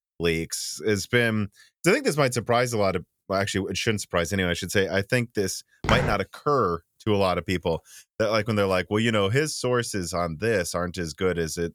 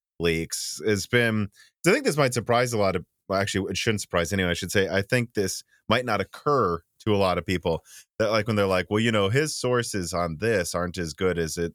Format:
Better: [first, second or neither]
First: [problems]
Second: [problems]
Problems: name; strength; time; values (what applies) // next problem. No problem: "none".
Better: second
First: footsteps; noticeable; at 6 s; peak 1 dB below the speech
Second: none